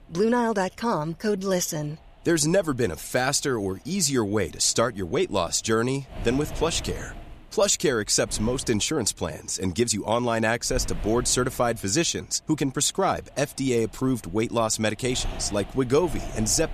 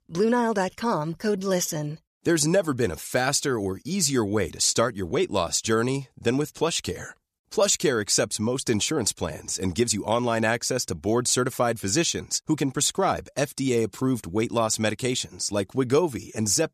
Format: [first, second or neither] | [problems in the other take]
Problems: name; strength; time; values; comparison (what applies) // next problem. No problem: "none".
second | wind noise on the microphone; occasional gusts; 20 dB below the speech